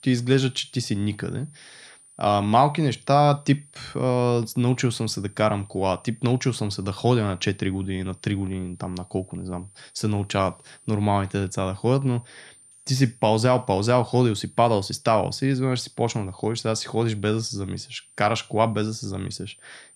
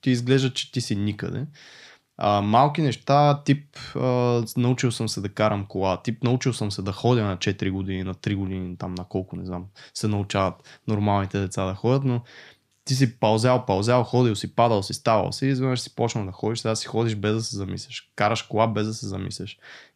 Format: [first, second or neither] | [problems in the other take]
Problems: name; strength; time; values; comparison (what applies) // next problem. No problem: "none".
second | high-pitched whine; faint; throughout; 9 kHz, 25 dB below the speech